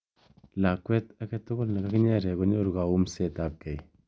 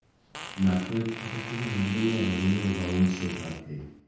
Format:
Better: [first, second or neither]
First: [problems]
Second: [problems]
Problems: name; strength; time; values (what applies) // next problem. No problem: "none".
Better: first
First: none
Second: background sound (Fart); 11 dB below the speech // room echo; dies away in 0.6 s